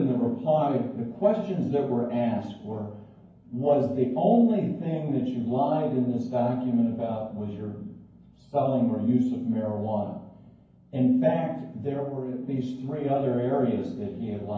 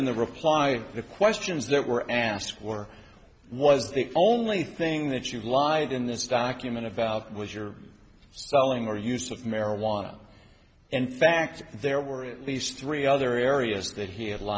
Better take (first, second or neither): second